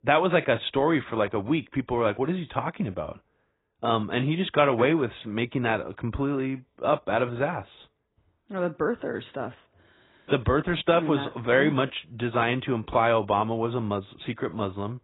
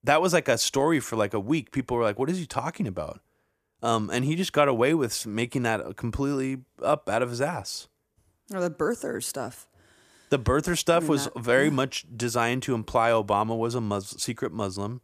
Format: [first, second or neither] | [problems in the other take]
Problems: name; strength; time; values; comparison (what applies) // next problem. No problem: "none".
second | garbled, watery; badly; nothing above 4 kHz